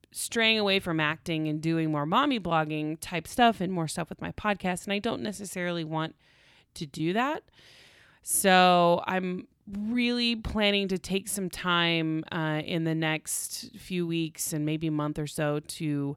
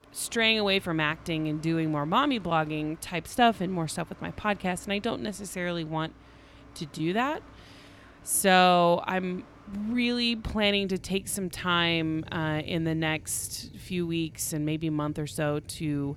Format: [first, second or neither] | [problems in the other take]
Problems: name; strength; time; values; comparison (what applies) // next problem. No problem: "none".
first | machinery noise; faint; throughout; 25 dB below the speech